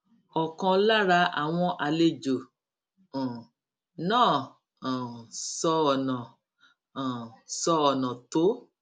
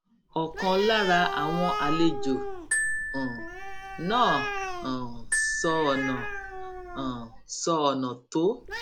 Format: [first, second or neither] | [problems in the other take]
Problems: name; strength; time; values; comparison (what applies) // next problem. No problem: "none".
first | background sound (Animal + Glockenspiel); 4 dB below the speech